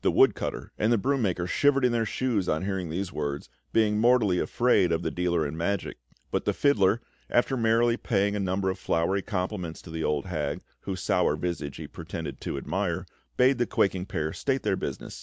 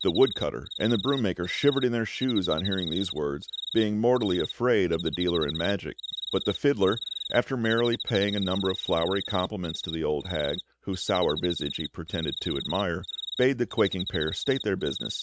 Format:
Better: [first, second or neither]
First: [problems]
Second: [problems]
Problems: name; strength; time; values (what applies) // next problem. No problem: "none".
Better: first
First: none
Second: noise reduction (neural mask model RNNoise)